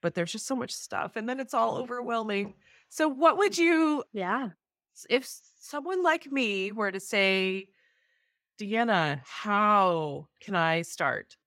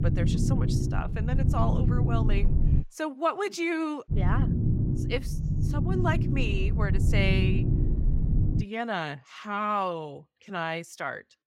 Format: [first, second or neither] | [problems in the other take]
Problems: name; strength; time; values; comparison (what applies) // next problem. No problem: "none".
first | low rumble; loud; until 3 s and from 4 to 8.5 s; 6 dB below the speech